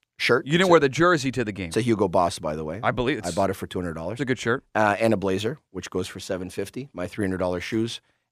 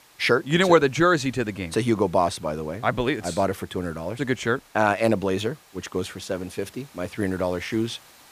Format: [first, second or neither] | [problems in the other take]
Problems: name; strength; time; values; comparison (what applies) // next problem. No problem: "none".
first | hiss; faint; throughout; 25 dB below the speech